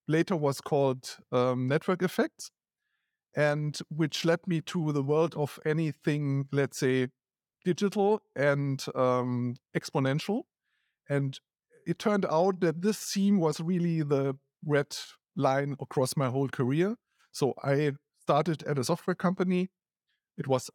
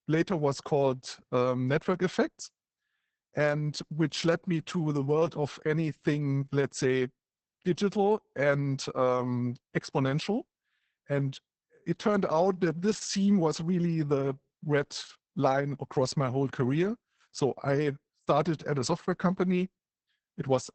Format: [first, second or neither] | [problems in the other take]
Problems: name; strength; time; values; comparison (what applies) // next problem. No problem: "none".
first | garbled, watery; badly; nothing above 8 kHz